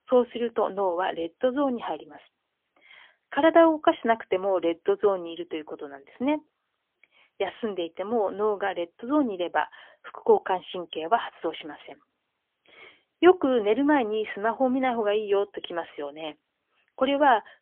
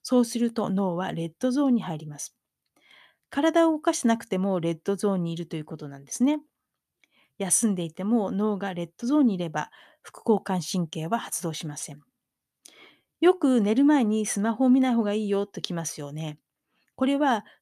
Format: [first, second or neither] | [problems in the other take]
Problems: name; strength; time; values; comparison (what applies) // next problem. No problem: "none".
second | phone-call audio; poor line; nothing above 3.5 kHz